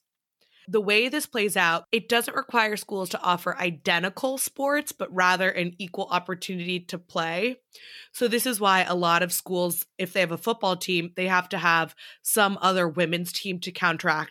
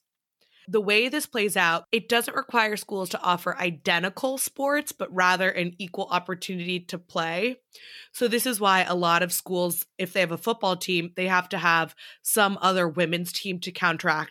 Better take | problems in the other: neither | none

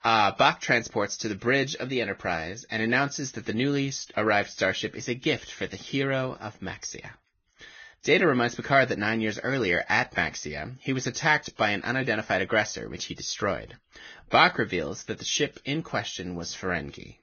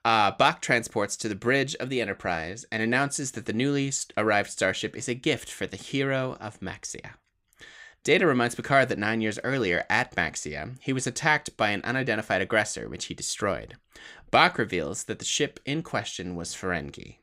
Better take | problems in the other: second | garbled, watery; badly; nothing above 6.5 kHz

